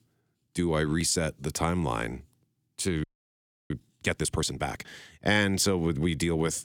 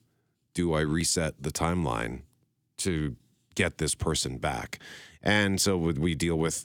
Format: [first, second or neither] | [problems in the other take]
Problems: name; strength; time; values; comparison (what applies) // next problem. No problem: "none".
second | audio freezing; at 3 s for 0.5 s